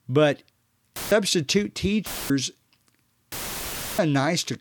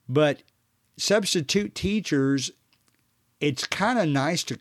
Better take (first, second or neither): second